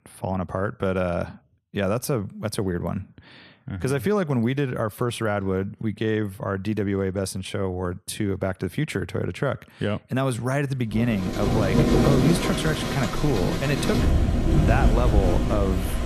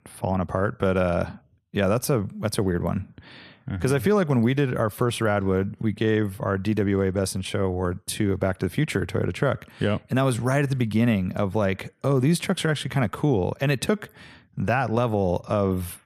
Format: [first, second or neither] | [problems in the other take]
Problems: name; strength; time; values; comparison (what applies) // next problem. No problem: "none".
second | rain or running water; very loud; from 11 s on; 3 dB above the speech